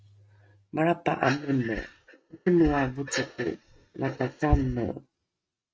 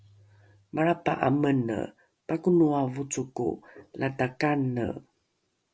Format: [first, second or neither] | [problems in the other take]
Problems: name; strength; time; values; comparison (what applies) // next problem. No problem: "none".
second | noise reduction (neural mask model RNNoise)